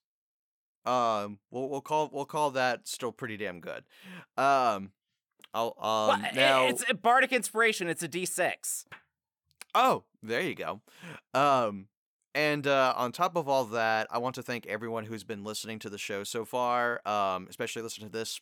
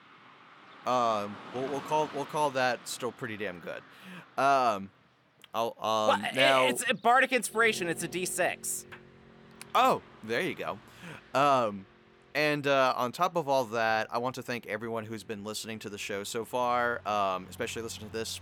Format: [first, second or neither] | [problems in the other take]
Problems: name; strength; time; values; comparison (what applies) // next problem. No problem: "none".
first | traffic noise; faint; throughout; 20 dB below the speech